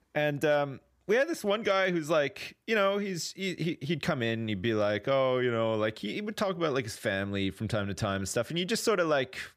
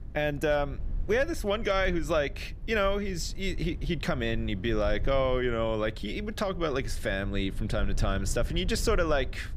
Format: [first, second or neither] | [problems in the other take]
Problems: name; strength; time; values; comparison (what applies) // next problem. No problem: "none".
first | low rumble; faint; throughout; 25 dB below the speech